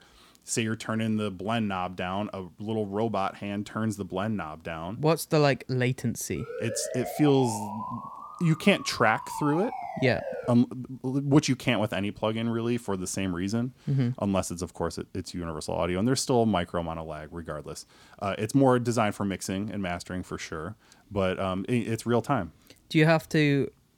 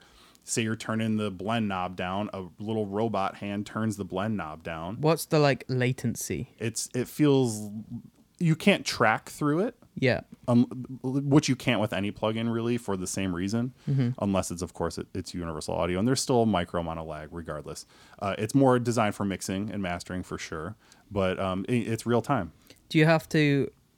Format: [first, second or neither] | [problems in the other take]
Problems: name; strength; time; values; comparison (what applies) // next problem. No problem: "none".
second | siren; noticeable; from 6.5 to 11 s; peak 7 dB below the speech